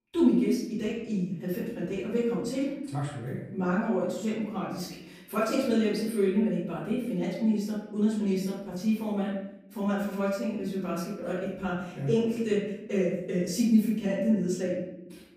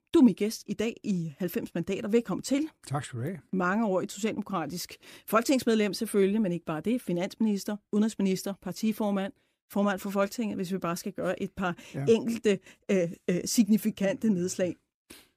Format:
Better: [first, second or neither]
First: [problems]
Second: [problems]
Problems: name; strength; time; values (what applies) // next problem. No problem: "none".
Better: second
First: off-mic speech; far // room echo; noticeable; dies away in 0.8 s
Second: none